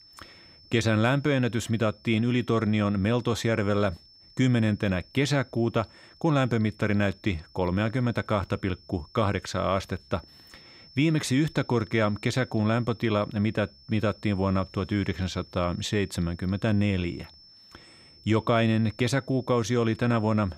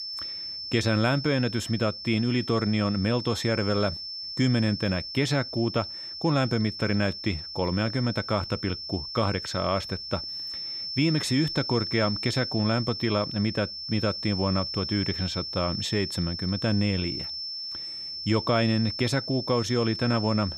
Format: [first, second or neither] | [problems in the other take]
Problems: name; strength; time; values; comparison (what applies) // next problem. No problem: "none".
first | high-pitched whine; loud; throughout; 5.5 kHz, 6 dB below the speech; faint in the first